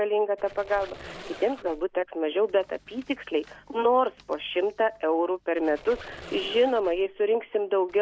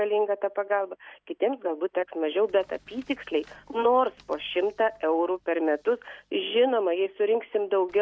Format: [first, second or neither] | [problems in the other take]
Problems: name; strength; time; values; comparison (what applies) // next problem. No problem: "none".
second | background sound (Squeak); 18 dB below the speech